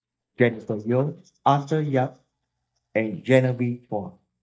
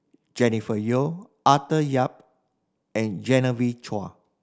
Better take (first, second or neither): second